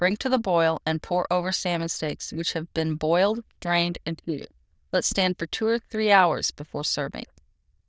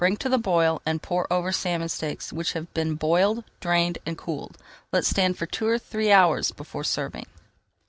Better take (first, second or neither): second